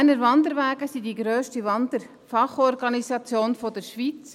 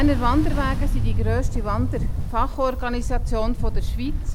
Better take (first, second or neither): first